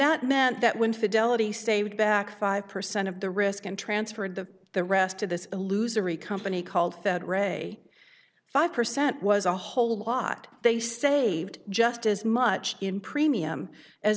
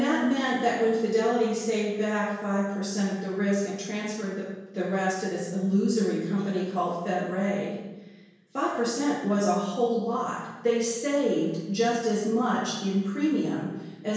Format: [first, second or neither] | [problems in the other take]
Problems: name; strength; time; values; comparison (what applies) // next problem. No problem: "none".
first | room echo; dies away in 1 s